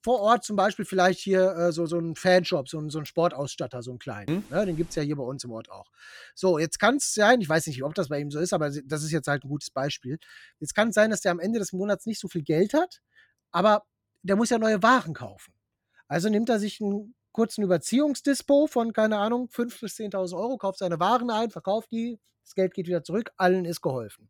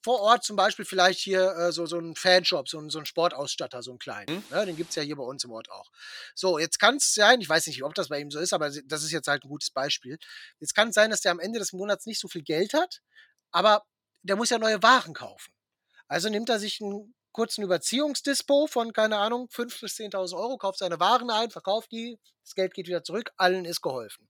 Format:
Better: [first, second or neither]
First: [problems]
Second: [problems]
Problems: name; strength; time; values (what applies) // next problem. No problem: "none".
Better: first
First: none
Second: thin; very slightly; fading below 700 Hz